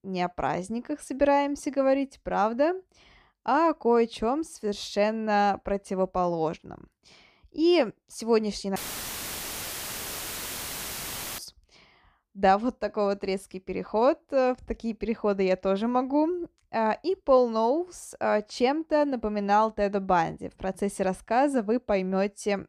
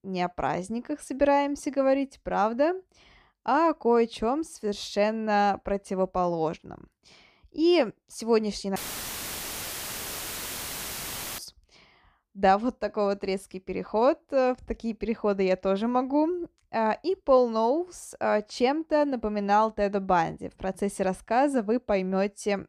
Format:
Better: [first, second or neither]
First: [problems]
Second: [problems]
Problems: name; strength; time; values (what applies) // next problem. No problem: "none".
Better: neither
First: audio cutting out; filled with static; at 9 s for 2.5 s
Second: audio cutting out; filled with static; at 9 s for 2.5 s